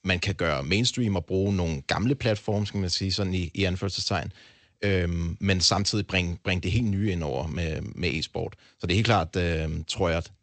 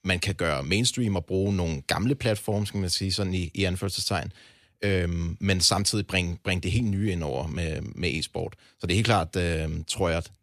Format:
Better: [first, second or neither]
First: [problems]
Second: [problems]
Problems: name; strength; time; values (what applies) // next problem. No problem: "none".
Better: second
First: garbled, watery; slightly; nothing above 8 kHz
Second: none